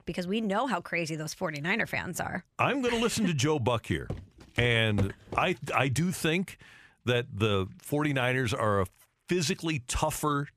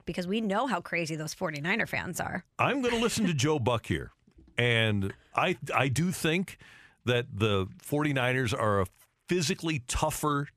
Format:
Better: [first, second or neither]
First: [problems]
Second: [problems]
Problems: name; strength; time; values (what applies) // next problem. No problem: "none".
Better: second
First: footsteps; noticeable; from 4 to 5.5 s; peak 7 dB below the speech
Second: none